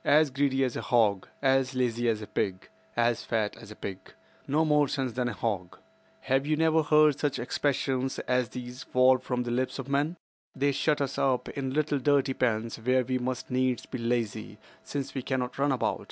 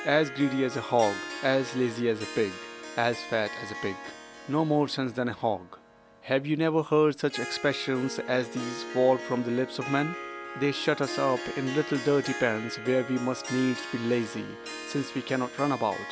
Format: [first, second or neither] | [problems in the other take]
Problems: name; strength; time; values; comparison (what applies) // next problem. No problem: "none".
first | background sound (Harp); 11 dB below the speech